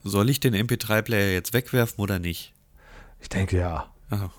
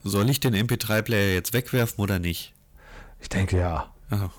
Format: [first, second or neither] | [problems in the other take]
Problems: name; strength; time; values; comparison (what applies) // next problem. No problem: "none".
first | distortion; slight; 10 dB below the speech